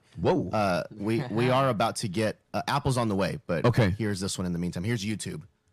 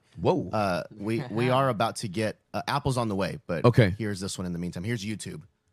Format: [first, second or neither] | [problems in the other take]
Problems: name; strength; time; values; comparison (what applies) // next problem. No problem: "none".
second | distortion; slight; 10 dB below the speech